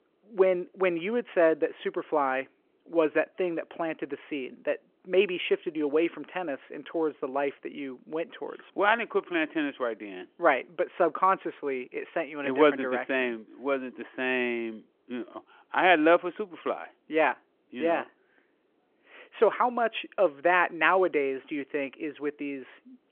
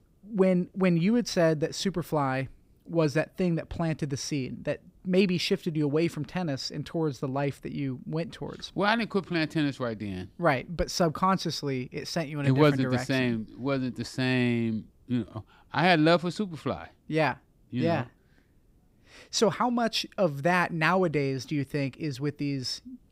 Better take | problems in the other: second | phone-call audio

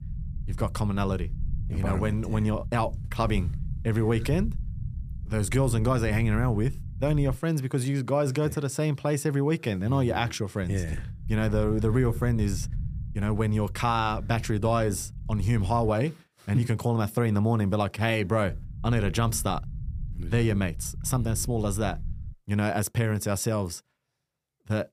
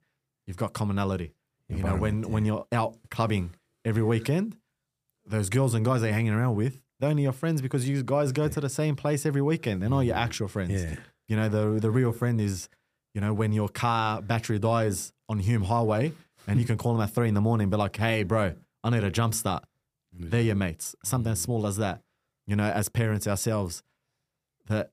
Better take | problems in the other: second | low rumble; faint; until 7.5 s, from 11 to 16 s and from 18 to 22 s; 20 dB below the speech

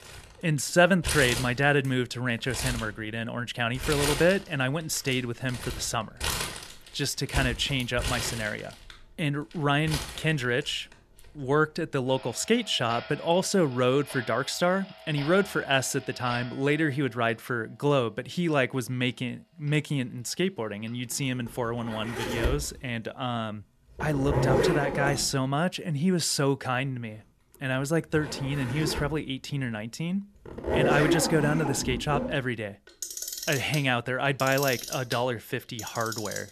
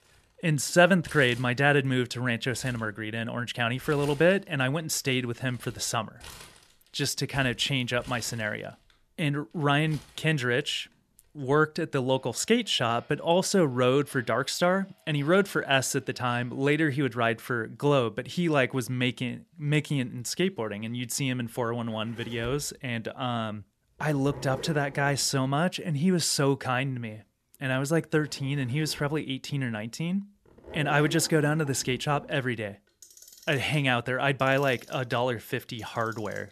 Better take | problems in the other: second | household noises; loud; throughout; 5 dB below the speech; faint in the second

